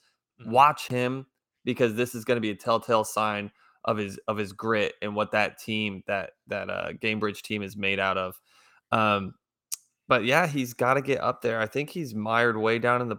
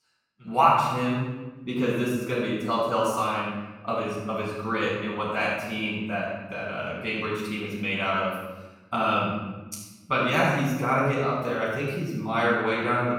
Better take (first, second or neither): first